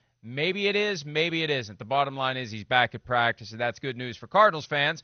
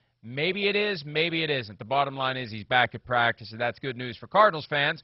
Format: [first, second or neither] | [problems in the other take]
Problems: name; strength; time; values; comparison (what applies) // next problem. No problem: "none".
first | garbled, watery; badly; nothing above 5.5 kHz; slightly in the first